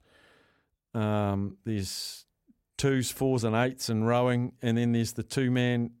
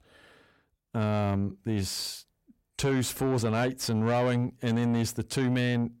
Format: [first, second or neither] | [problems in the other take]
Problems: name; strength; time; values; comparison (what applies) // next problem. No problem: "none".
first | distortion; slight; 10 dB below the speech